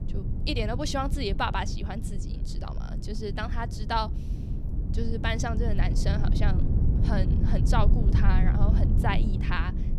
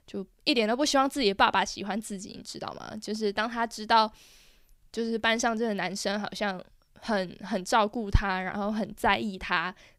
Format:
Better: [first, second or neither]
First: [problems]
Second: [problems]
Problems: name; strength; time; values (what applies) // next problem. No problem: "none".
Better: second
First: low rumble; loud; throughout; 9 dB below the speech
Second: none